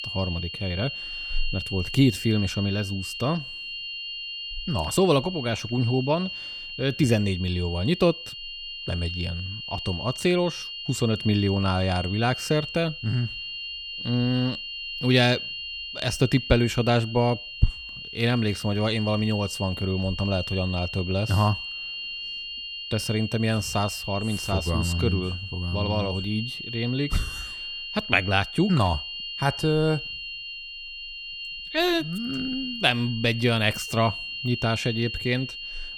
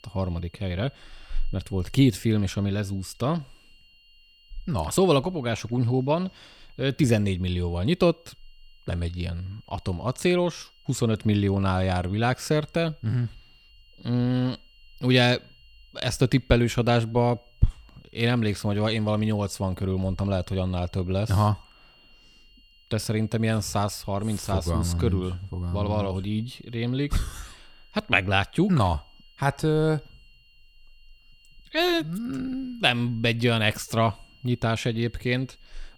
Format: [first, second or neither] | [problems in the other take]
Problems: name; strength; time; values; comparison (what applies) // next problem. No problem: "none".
second | high-pitched whine; loud; throughout; 3 kHz, 7 dB below the speech; faint in the second